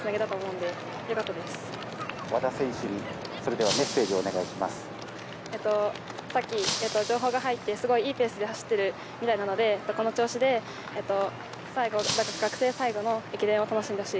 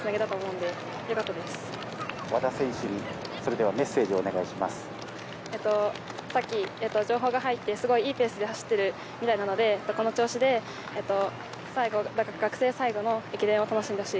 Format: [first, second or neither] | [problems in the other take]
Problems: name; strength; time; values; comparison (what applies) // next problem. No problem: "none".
second | background sound (Shatter); 9 dB below the speech